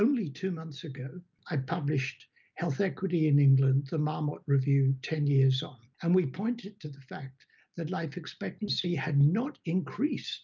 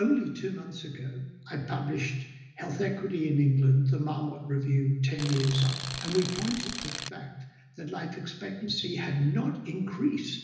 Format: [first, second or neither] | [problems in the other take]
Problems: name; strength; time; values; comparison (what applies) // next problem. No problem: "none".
first | background sound (Tools); 8 dB below the speech // room echo; dies away in 1 s